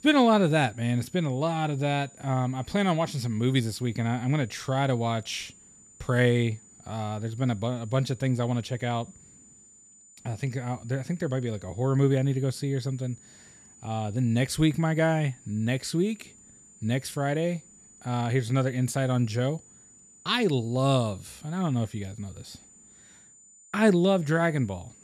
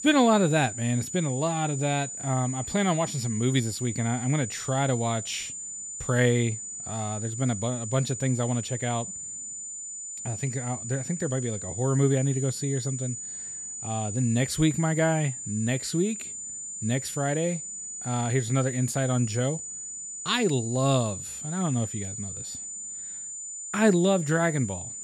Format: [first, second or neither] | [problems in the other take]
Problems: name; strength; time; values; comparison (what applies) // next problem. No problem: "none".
first | high-pitched whine; loud; throughout; 7 kHz, 7 dB below the speech; faint in the first